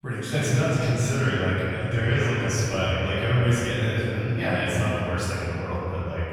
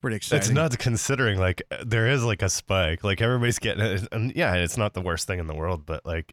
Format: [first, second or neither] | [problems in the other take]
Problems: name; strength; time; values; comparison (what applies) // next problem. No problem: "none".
second | room echo; strong; dies away in 2.8 s // off-mic speech; far